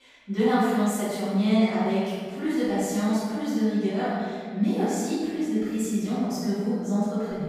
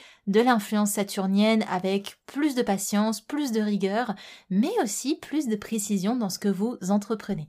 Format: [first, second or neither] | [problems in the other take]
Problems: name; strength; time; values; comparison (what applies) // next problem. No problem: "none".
second | off-mic speech; far // room echo; strong; dies away in 1.8 s